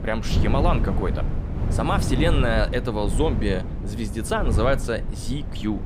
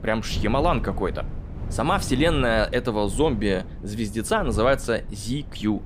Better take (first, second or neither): second